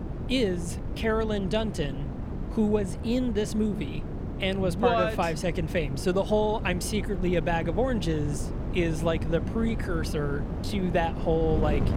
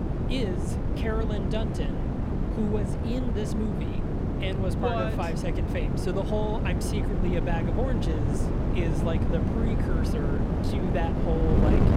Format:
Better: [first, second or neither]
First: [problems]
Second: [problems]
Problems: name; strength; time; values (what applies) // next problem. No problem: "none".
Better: first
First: wind noise on the microphone; occasional gusts; 10 dB below the speech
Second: wind noise on the microphone; heavy; 1 dB below the speech